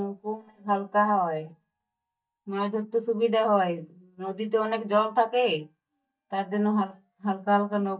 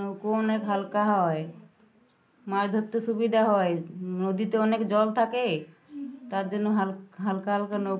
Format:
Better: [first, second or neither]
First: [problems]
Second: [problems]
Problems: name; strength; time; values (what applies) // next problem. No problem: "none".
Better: second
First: noise reduction (neural mask model DeepFilterNet 3)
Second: none